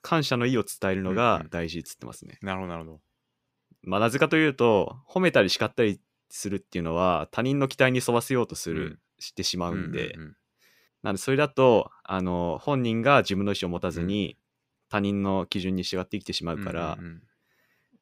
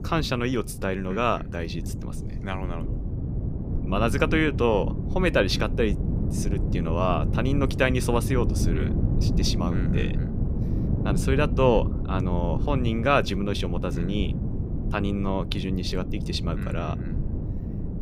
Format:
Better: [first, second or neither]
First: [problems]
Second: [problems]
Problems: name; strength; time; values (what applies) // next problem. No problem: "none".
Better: first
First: none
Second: wind noise on the microphone; occasional gusts; 10 dB below the speech